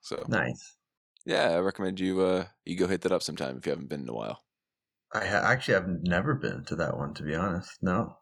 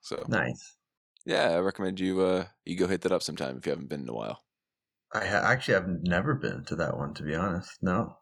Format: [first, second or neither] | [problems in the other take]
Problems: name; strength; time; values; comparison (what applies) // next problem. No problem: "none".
neither | none